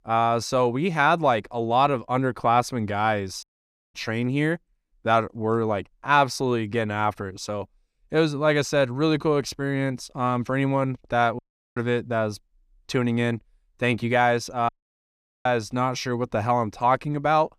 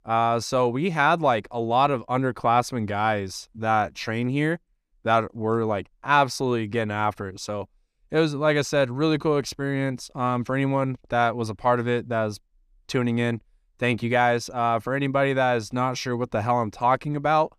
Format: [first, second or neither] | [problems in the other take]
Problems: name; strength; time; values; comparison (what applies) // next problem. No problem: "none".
second | audio cutting out; at 3.5 s for 0.5 s, at 11 s and at 15 s for 1 s